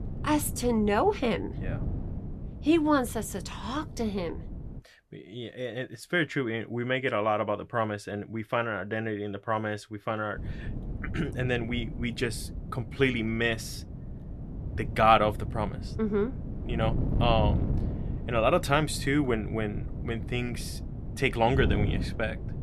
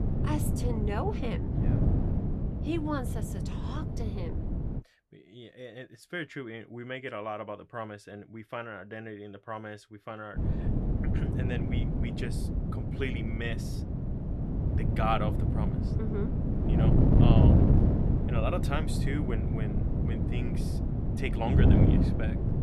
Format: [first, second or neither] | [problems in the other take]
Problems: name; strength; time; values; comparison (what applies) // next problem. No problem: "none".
first | wind noise on the microphone; heavy; until 5 s and from 10 s on; as loud as the speech; occasional gusts in the first